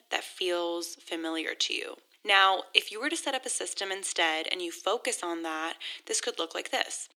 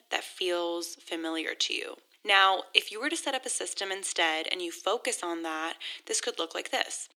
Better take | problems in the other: neither | thin; very; fading below 300 Hz; the same in both

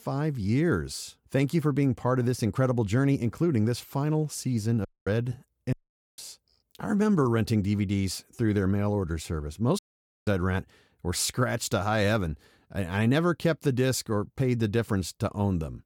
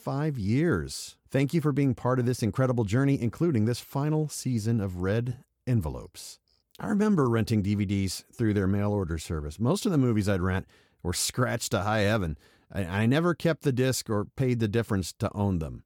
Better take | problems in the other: second | audio cutting out; at 5 s, at 5.5 s and at 10 s

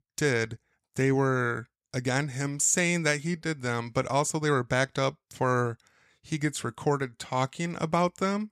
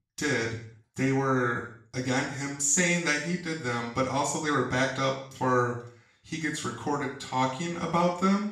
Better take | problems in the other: first | room echo; noticeable; dies away in 0.5 s // off-mic speech; far

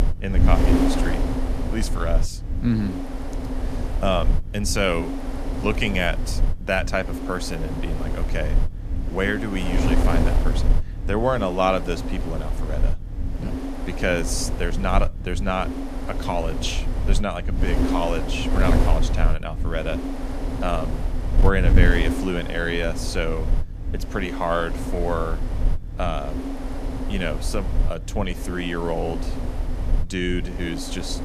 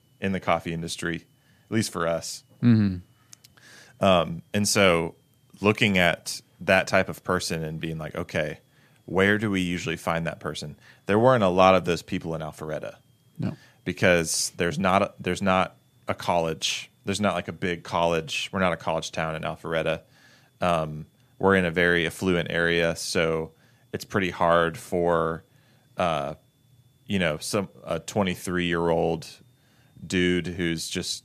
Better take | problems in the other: second | wind noise on the microphone; heavy; 7 dB below the speech

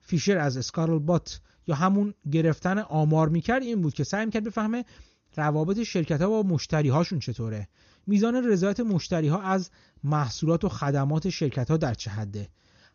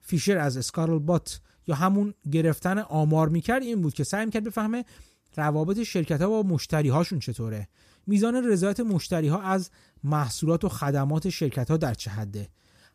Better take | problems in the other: second | garbled, watery; slightly; nothing above 6.5 kHz

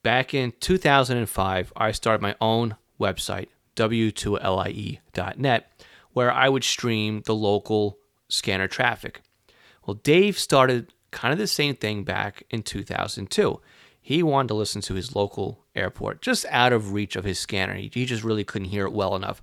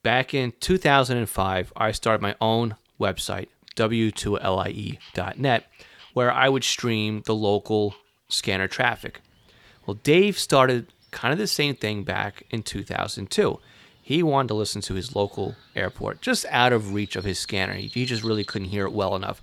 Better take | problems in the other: first | animal sounds; noticeable; throughout; 20 dB below the speech

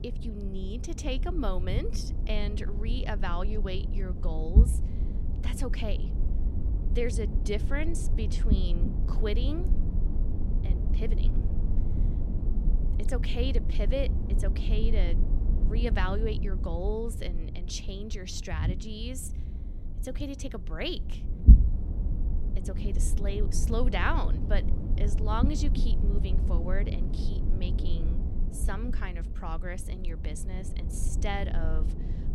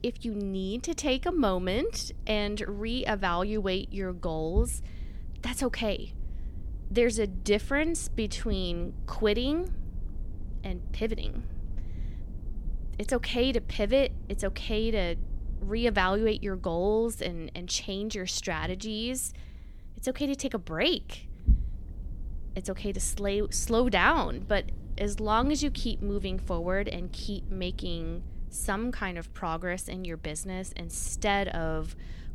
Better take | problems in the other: second | low rumble; loud; throughout; 8 dB below the speech; faint in the second

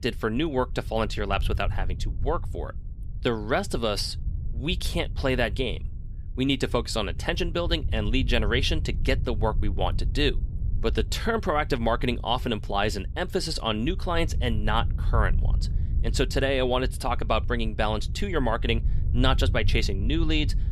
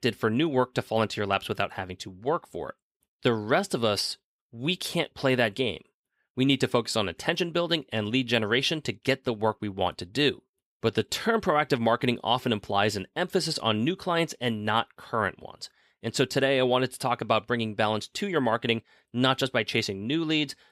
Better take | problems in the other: second | low rumble; faint; throughout; 20 dB below the speech

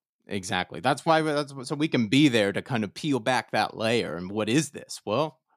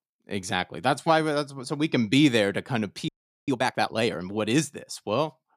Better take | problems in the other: first | audio freezing; at 3 s

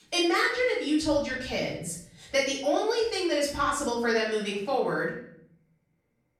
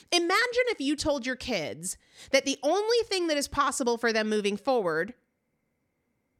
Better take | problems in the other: second | off-mic speech; far // room echo; noticeable; dies away in 0.7 s

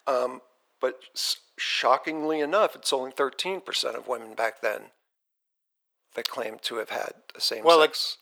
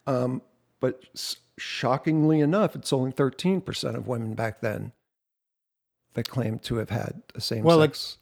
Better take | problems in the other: second | thin; very; fading below 500 Hz

